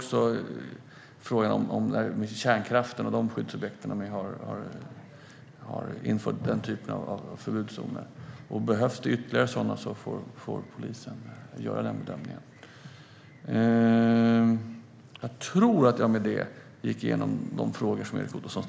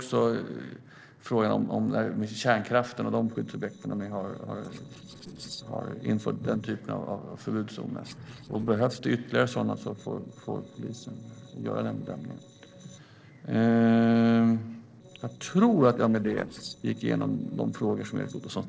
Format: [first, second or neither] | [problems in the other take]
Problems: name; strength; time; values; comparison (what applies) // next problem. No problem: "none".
first | noise reduction (neural separator model SepFormer DNS4)